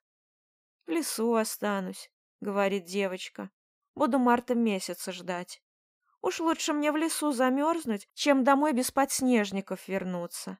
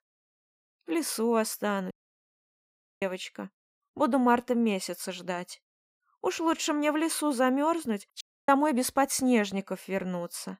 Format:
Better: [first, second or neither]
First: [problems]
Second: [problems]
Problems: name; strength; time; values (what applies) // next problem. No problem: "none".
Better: first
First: none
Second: audio cutting out; at 2 s for 1 s and at 8 s